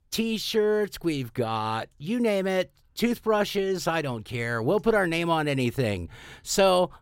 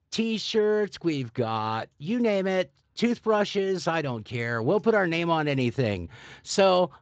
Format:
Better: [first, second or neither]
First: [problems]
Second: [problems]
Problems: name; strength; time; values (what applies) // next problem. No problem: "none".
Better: first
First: none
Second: garbled, watery; slightly; nothing above 7.5 kHz